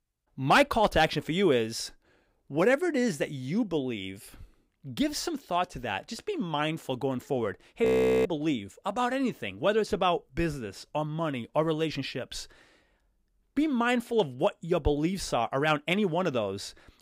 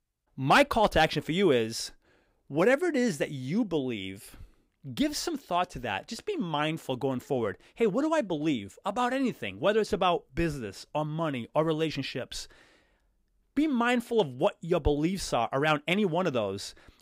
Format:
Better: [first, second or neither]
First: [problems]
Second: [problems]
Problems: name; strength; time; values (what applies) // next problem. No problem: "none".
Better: second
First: audio freezing; at 8 s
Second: none